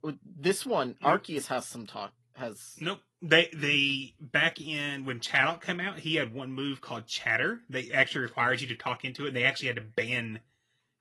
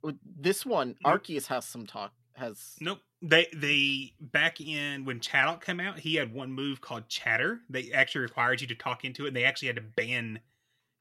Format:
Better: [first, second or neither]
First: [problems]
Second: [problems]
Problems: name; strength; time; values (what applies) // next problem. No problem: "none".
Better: second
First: garbled, watery; slightly; nothing above 11.5 kHz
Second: none